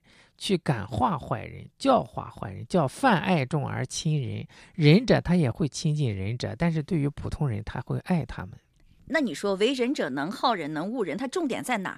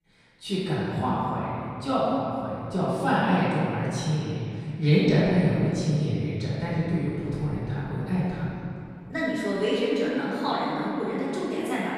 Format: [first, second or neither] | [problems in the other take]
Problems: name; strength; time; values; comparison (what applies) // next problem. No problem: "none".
first | off-mic speech; far // room echo; strong; dies away in 2.5 s